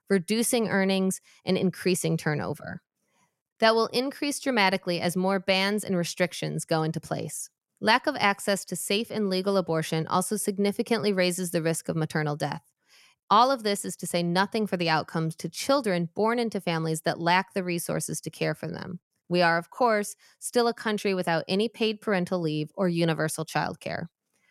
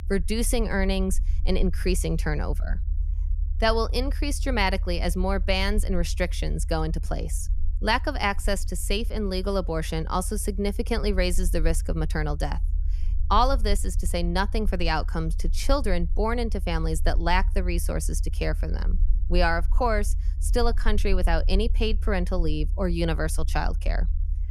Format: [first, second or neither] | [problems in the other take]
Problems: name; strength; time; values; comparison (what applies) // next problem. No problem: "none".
first | low rumble; faint; throughout; 25 dB below the speech